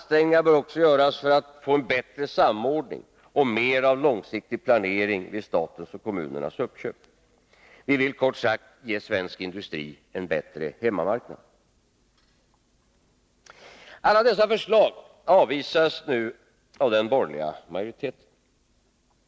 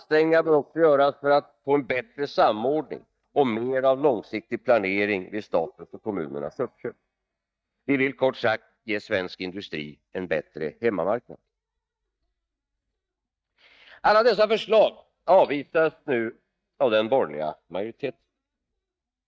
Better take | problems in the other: first | noise reduction (neural mask model DeepFilterNet 3)

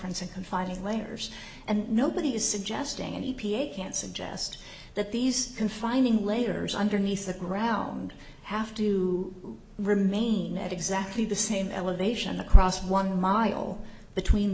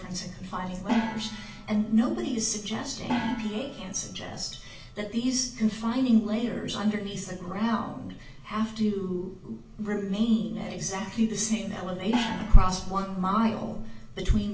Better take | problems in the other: first | background sound (Gong); 9 dB below the speech // room echo; dies away in 0.3 s

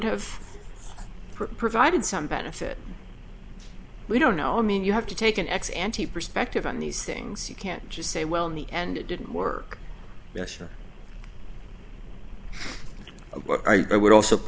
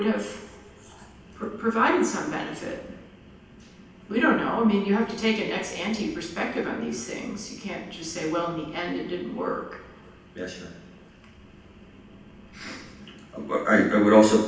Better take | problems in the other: first | room echo; dies away in 0.9 s

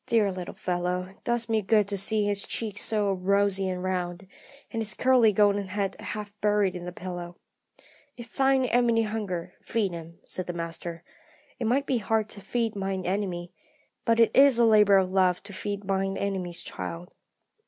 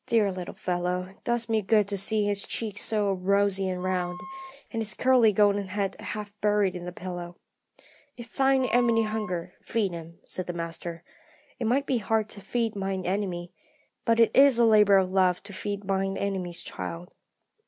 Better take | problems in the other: first | background sound (Wind instrument, woodwind instrument); 14 dB below the speech

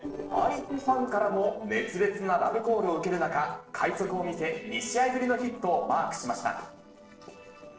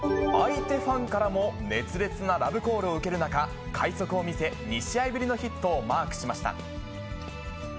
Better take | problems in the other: second | noise reduction (neural separator model SepFormer DNS4)

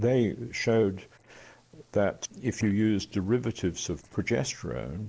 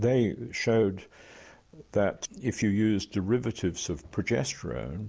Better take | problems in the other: second | noise reduction (neural separator model SepFormer DNS4)

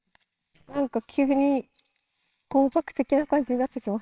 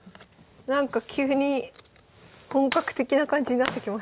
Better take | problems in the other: second | noise reduction (neural separator model SepFormer WHAMR!)

